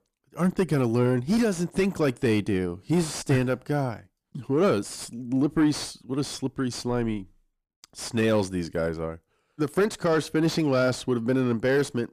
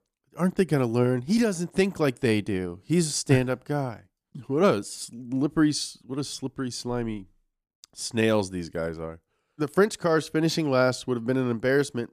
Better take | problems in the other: second | distortion; slight; 10 dB below the speech

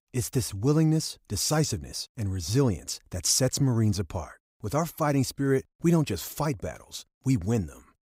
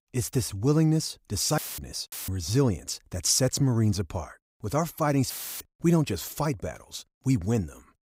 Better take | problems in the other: first | audio cutting out; filled with static; at 1.5 s, at 2 s and at 5.5 s

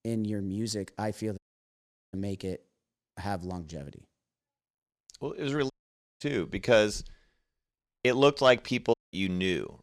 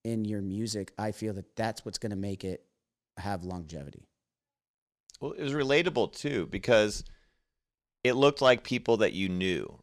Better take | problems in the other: second | audio cutting out; at 1.5 s for 1 s, at 5.5 s for 0.5 s and at 9 s

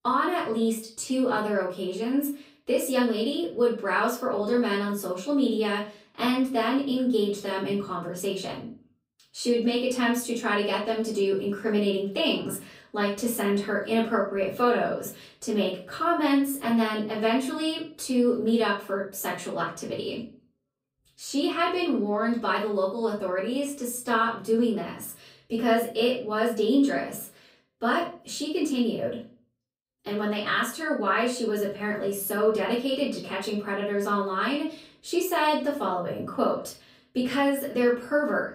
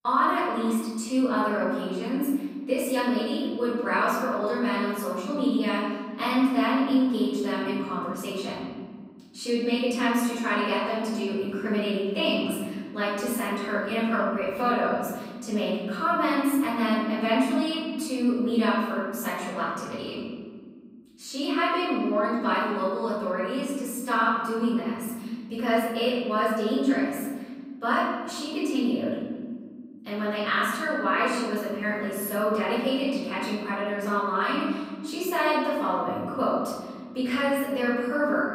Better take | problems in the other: first | room echo; strong; dies away in 1.8 s; slight in the first // off-mic speech; far; far in the first

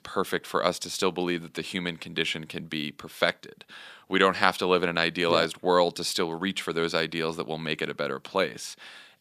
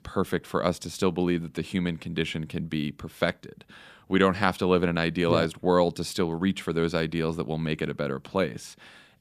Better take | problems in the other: second | thin; very slightly; fading below 600 Hz

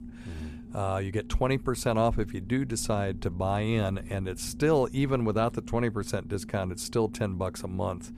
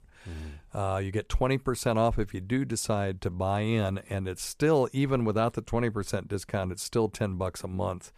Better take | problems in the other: second | low rumble; noticeable; throughout; 20 dB below the speech

